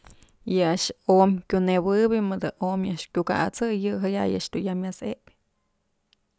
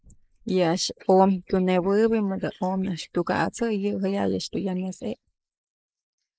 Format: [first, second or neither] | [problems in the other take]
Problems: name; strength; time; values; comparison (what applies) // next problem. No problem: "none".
first | noise reduction (neural mask model Resemble Enhance denoiser)